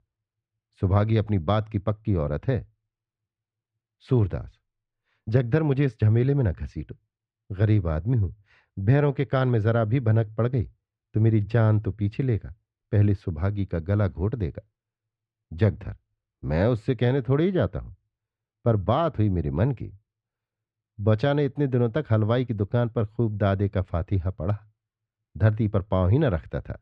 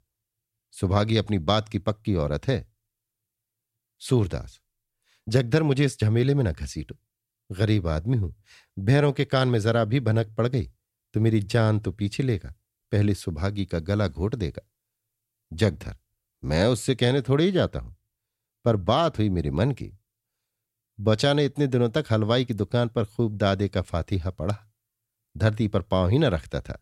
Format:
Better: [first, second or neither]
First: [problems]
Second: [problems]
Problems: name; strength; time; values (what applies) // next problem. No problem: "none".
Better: second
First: muffled; very; fading above 2 kHz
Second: none